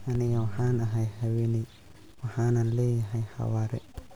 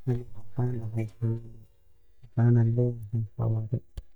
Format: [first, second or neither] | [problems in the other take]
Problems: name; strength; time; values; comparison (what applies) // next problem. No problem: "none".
first | noise reduction (neural mask model DeepFilterNet 3)